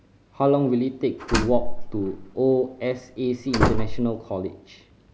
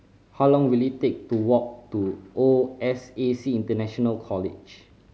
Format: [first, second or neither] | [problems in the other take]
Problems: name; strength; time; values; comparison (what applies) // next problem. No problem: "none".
second | background sound (Slam); as loud as the speech